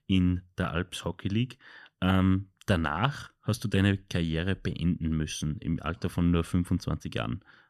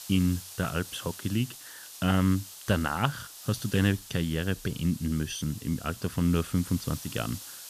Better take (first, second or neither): first